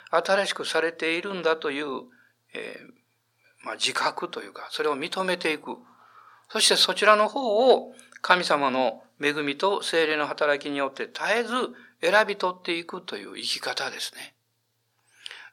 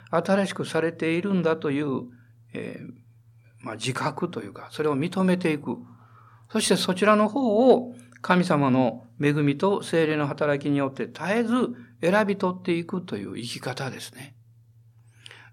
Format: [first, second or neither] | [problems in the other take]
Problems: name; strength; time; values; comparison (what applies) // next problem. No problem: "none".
second | thin; somewhat; fading below 500 Hz